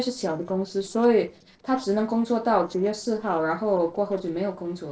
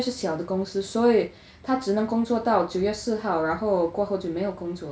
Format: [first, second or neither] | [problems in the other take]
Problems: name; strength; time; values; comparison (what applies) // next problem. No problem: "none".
second | noise reduction (neural separator model SepFormer DNS4)